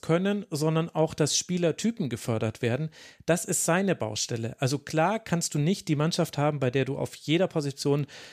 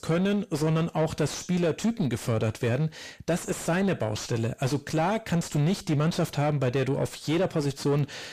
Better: first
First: none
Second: distortion; heavy; 7 dB below the speech

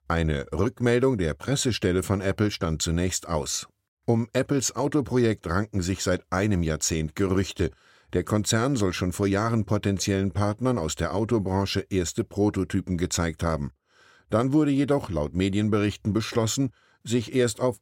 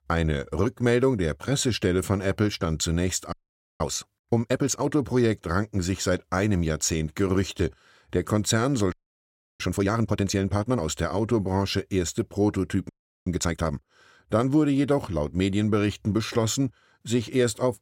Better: first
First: none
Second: audio freezing; at 3.5 s, at 9 s for 0.5 s and at 13 s

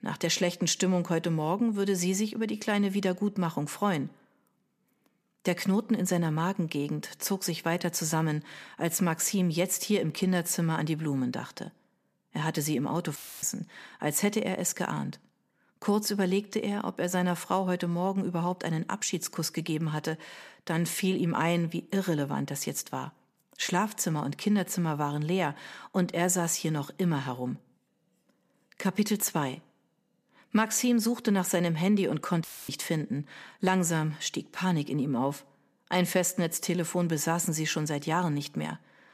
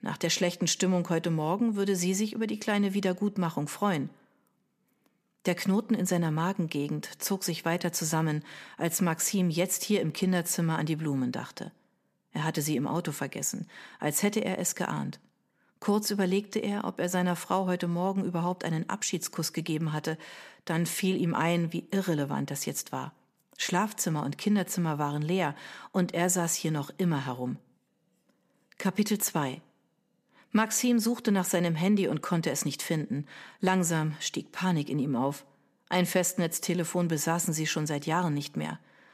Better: second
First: audio cutting out; filled with static; at 13 s and at 32 s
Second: none

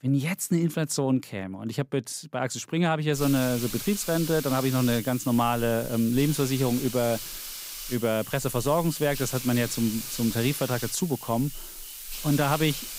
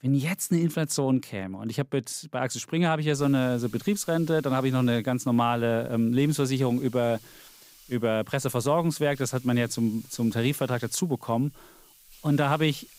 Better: second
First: hiss; loud; from 3 s on; 9 dB below the speech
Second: hiss; faint; from 3 s on; 25 dB below the speech

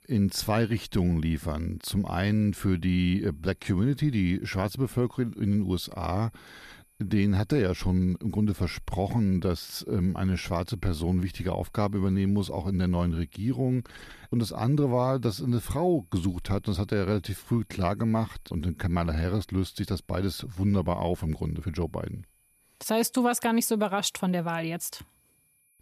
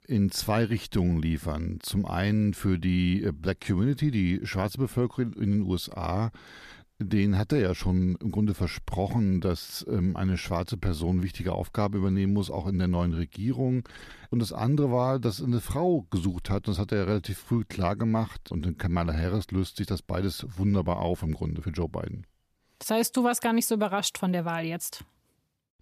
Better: second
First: high-pitched whine; faint; throughout; 10 kHz, 35 dB below the speech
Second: none

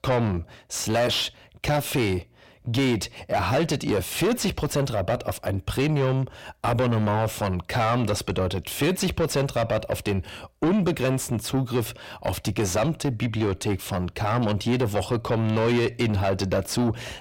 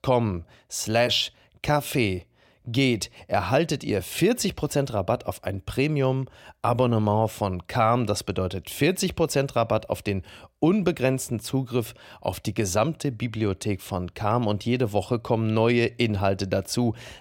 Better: second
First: distortion; heavy; 6 dB below the speech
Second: none

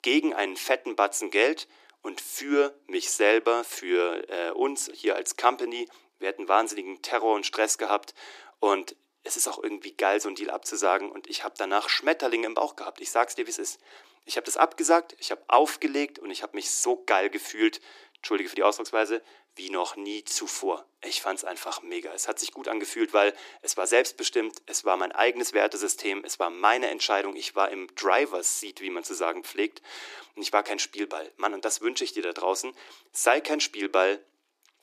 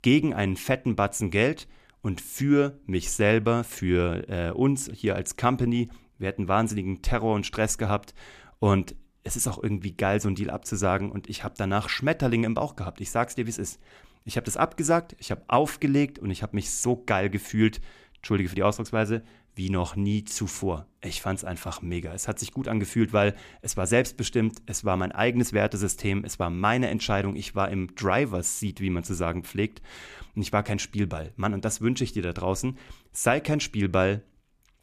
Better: second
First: thin; very; fading below 300 Hz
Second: none

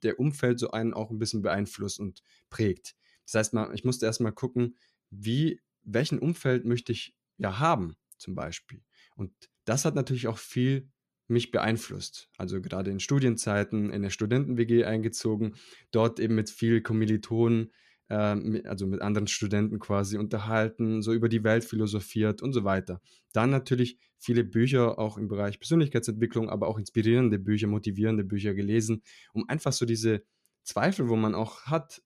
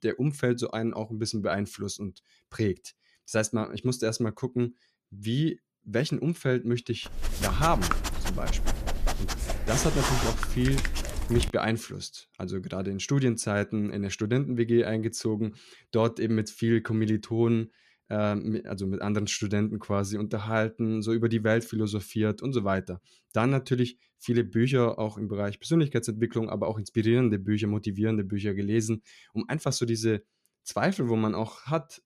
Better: first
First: none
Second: dog barking; loud; from 7 to 11 s; peak level with the speech

